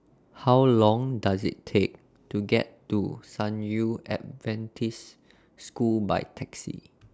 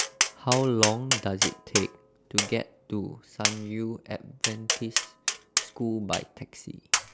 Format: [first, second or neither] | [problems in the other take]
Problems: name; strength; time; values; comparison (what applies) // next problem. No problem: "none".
first | background sound (Tap); 1 dB above the speech